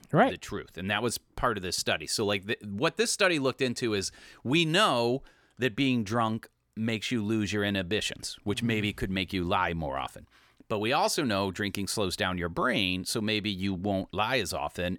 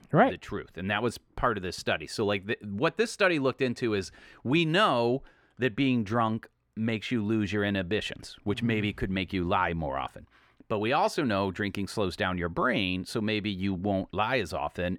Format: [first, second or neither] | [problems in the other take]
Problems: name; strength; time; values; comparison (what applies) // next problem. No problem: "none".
first | muffled; slightly; fading above 4 kHz